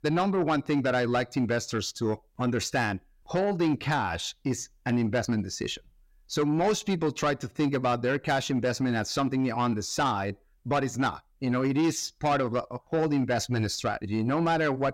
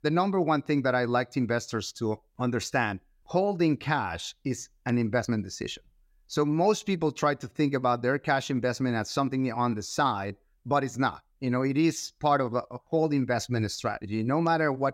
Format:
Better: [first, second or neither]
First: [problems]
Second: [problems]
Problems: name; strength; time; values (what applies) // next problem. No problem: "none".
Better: second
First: distortion; slight; 10 dB below the speech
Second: none